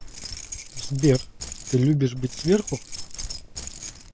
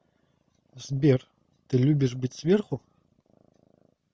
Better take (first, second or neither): second